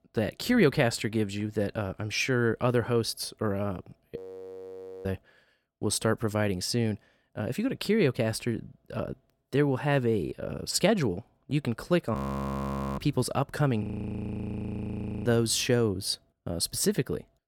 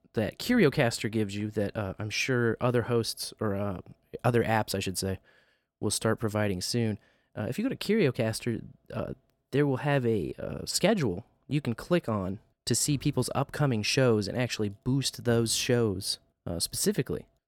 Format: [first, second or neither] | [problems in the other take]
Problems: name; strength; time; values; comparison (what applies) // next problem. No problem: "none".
second | audio freezing; at 4 s for 1 s, at 12 s for 1 s and at 14 s for 1.5 s